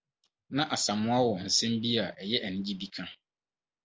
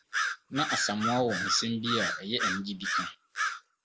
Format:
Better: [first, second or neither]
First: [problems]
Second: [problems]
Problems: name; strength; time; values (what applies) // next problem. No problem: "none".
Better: first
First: none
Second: background sound (Bird vocalization, bird call, bird song); 1 dB below the speech